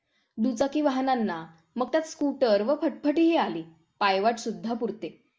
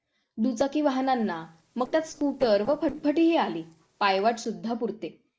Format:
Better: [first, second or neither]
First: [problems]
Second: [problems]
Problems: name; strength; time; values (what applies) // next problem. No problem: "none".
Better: first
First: none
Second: noise reduction (neural separator model SepFormer DNS4)